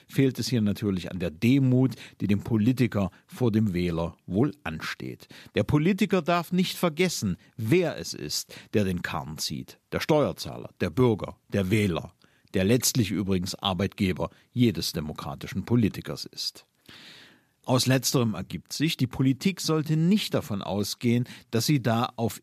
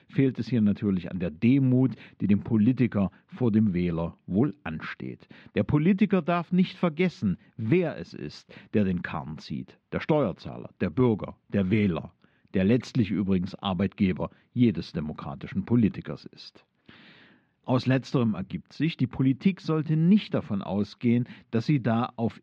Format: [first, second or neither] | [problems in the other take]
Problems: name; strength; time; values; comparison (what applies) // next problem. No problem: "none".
first | muffled; slightly; fading above 3 kHz